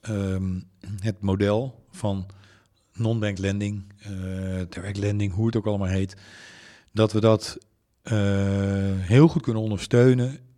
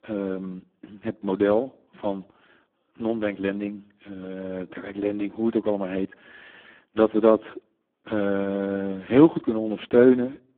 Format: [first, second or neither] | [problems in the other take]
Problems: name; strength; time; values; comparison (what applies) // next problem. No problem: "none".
first | phone-call audio; poor line